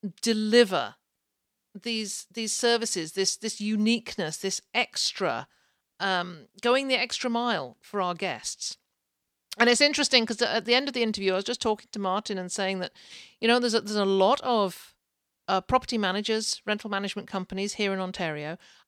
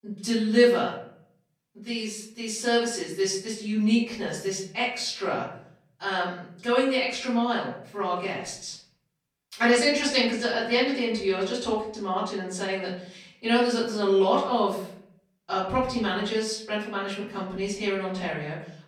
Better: first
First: none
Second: off-mic speech; far // room echo; noticeable; dies away in 0.7 s

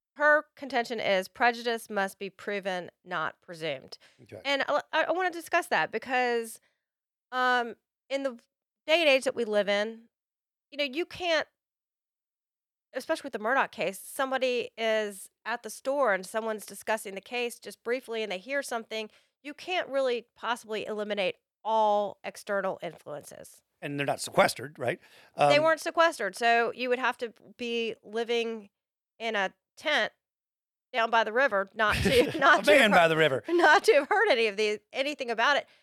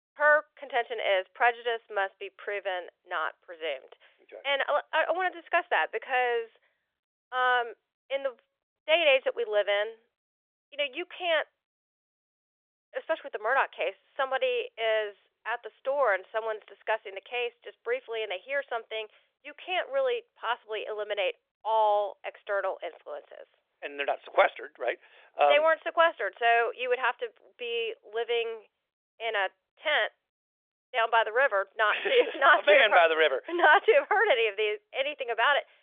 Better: first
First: none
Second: phone-call audio; nothing above 3.5 kHz

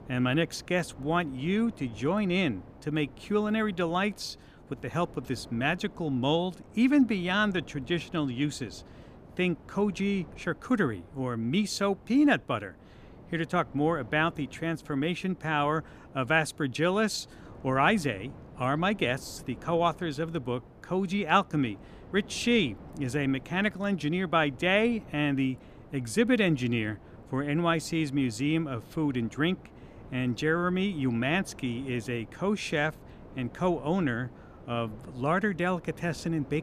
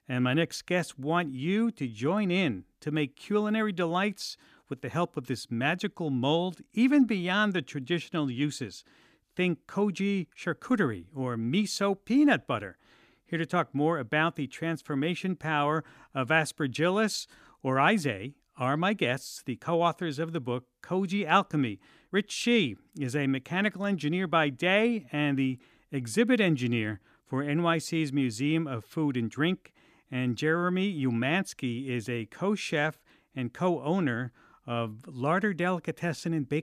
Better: second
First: wind noise on the microphone; occasional gusts; 25 dB below the speech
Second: none

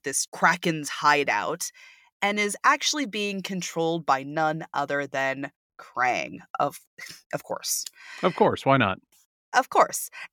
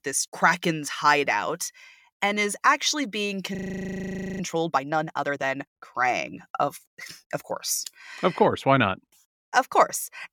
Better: first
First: none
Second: audio freezing; at 3.5 s for 1 s

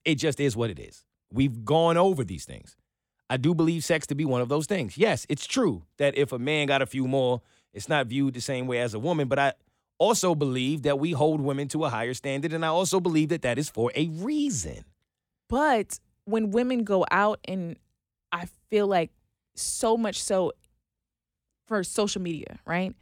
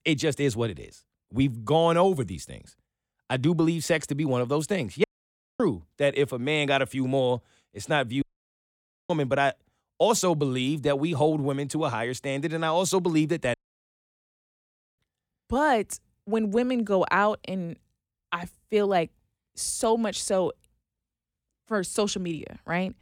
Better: first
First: none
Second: audio cutting out; at 5 s for 0.5 s, at 8 s for 1 s and at 14 s for 1.5 s

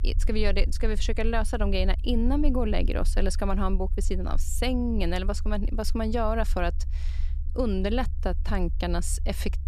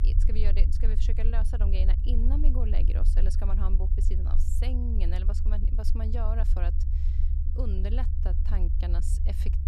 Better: first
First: low rumble; faint; throughout; 20 dB below the speech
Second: low rumble; loud; throughout; 5 dB below the speech

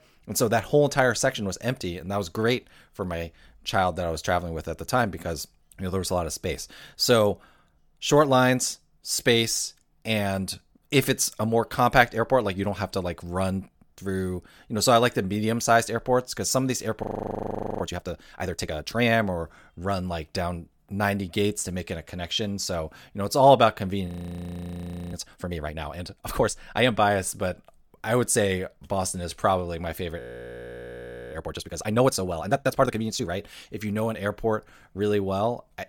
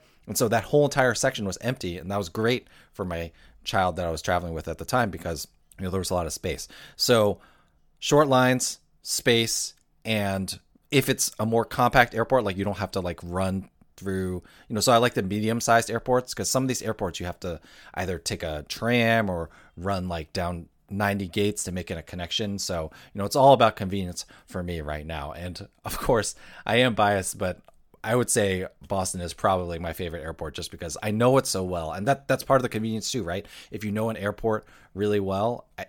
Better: second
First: audio freezing; at 17 s for 1 s, at 24 s for 1 s and at 30 s for 1 s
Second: none

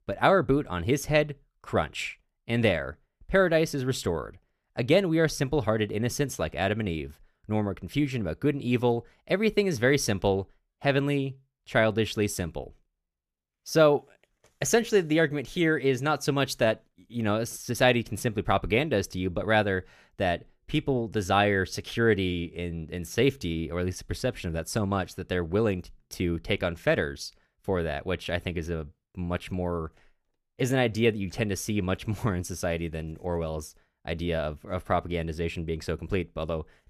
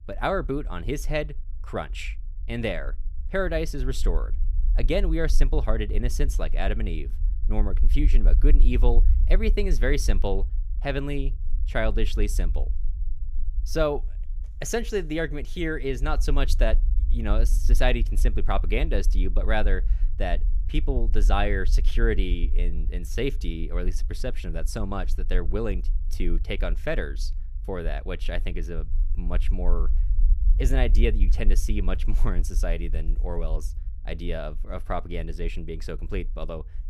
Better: first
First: none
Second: low rumble; faint; throughout; 20 dB below the speech

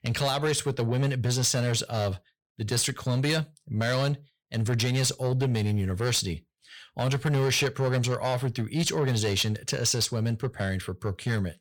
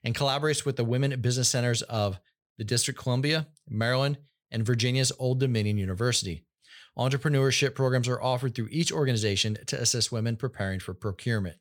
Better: second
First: distortion; slight; 10 dB below the speech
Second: none

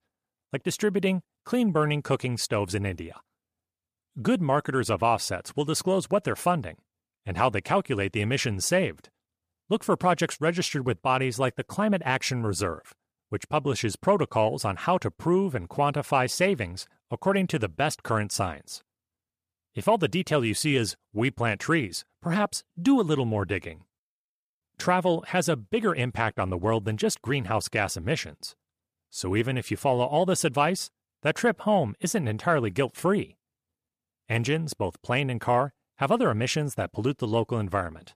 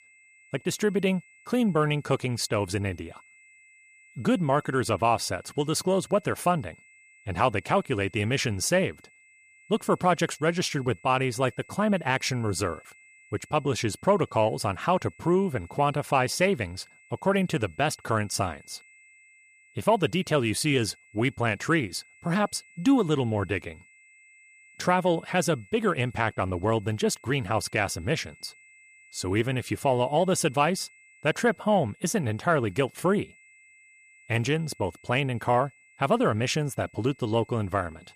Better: first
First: none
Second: high-pitched whine; faint; throughout; 2 kHz, 25 dB below the speech

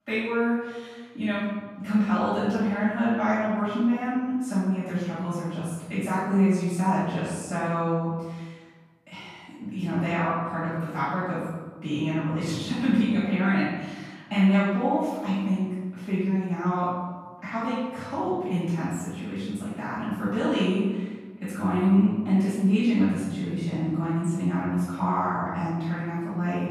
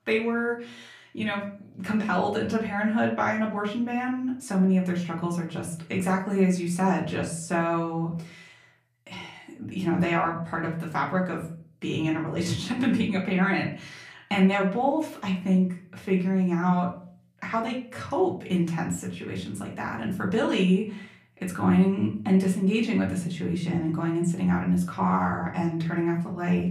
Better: second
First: room echo; strong; dies away in 1.2 s // off-mic speech; far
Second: room echo; slight; dies away in 0.4 s // off-mic speech; far

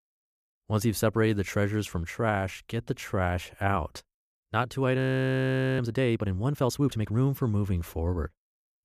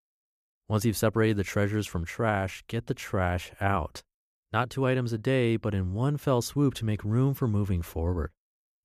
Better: second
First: audio freezing; at 5 s for 1 s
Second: none

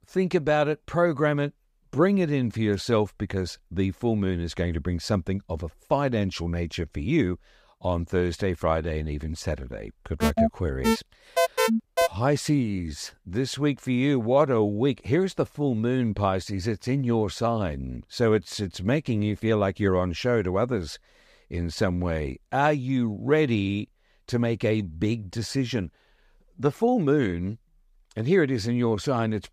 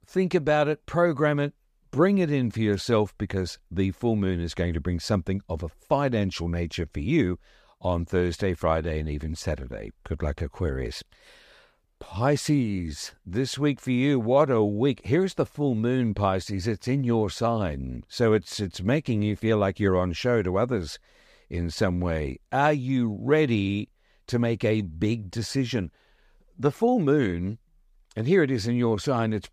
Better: second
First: alarm; loud; from 10 to 12 s; peak 3 dB above the speech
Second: none

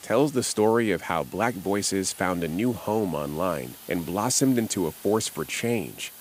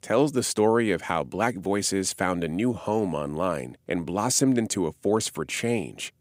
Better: second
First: hiss; noticeable; throughout; 20 dB below the speech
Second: none

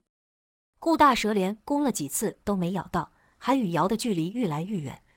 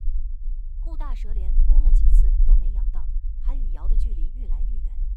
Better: first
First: none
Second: low rumble; loud; throughout; 1 dB below the speech

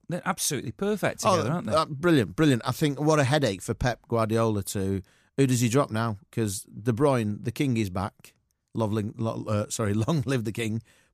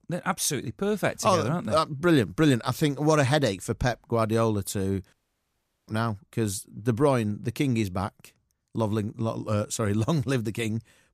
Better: first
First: none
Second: audio cutting out; at 5 s for 1 s

